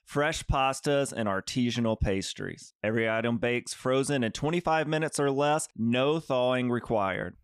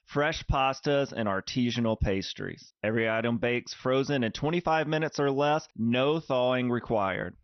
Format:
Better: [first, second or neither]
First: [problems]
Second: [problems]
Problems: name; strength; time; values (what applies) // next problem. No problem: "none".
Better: first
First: none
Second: garbled, watery; slightly; nothing above 6 kHz